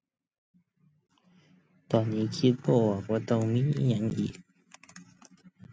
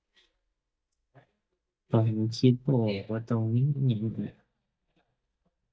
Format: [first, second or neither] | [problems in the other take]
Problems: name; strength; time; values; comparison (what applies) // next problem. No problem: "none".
first | noise reduction (neural mask model DeepFilterNet 3)